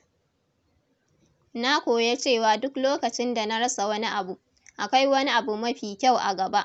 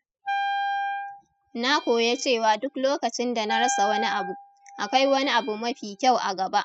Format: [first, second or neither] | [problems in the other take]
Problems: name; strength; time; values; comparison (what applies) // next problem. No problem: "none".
first | noise reduction (classical method spectral subtraction)